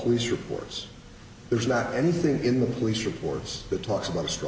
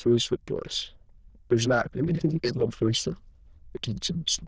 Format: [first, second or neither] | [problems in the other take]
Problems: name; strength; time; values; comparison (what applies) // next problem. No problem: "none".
first | noise reduction (neural diffusion model UNIVERSE++)